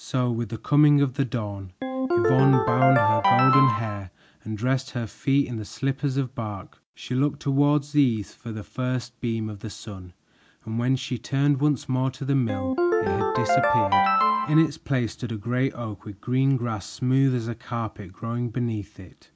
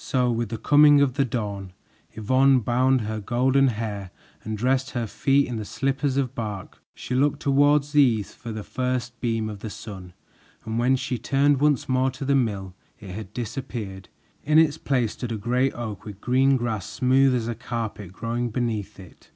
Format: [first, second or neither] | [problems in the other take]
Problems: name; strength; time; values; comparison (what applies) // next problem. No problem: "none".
second | background sound (Ringtone); 2 dB above the speech